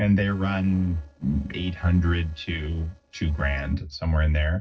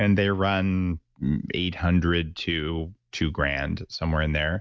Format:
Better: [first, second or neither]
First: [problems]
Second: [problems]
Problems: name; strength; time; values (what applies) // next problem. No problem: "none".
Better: second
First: noise reduction (neural separator model SepFormer DNS4)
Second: none